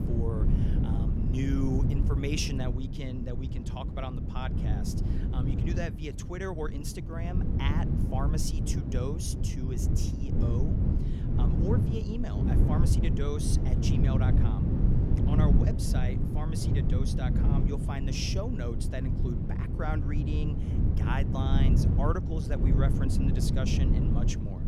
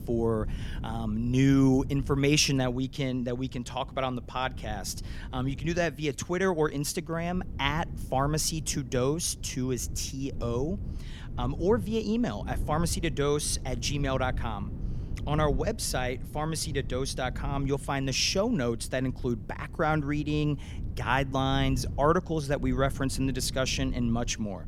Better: second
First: wind noise on the microphone; heavy; 1 dB below the speech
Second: wind noise on the microphone; occasional gusts; 20 dB below the speech

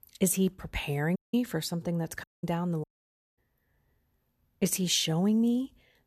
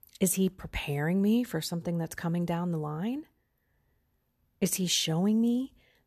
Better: second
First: audio cutting out; at 1 s, at 2 s and at 3 s for 0.5 s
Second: none

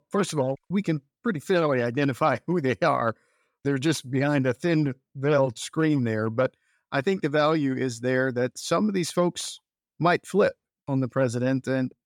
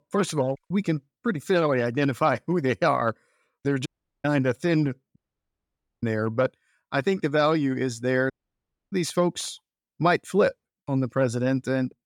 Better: first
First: none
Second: audio cutting out; at 4 s, at 5 s for 1 s and at 8.5 s for 0.5 s

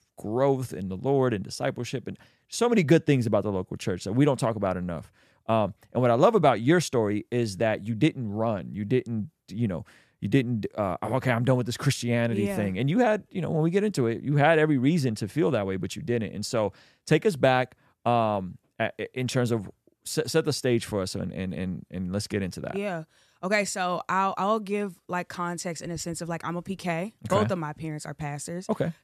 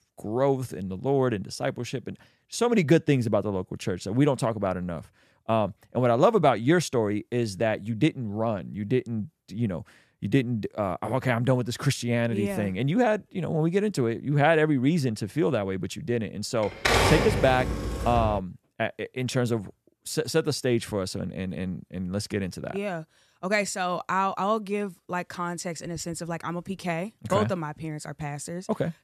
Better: first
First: none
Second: keyboard typing; loud; from 17 to 18 s; peak 6 dB above the speech

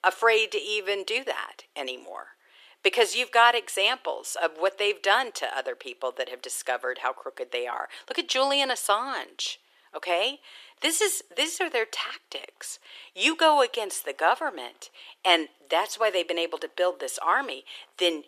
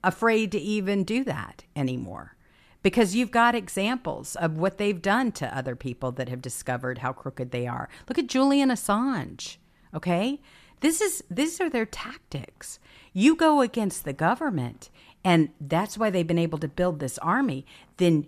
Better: second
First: thin; very; fading below 400 Hz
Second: none

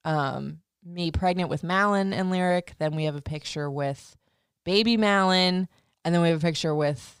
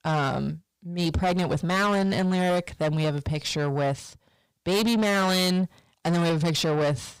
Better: first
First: none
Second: distortion; heavy; 7 dB below the speech

